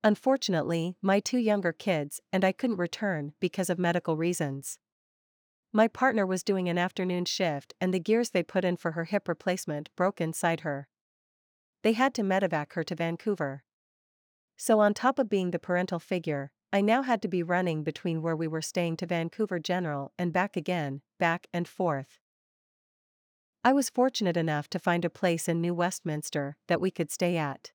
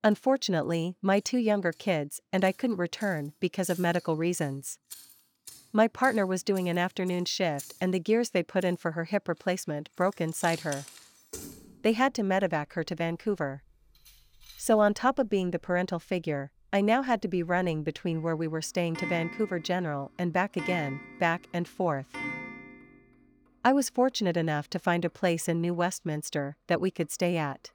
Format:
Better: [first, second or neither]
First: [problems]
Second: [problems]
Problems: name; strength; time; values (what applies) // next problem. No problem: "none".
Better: first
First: none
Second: household noises; noticeable; throughout; 15 dB below the speech